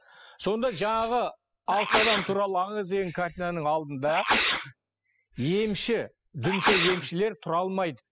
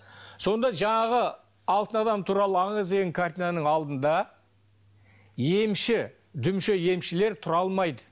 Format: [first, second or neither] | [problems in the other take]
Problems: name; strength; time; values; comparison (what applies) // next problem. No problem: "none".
second | noise reduction (classical method spectral subtraction)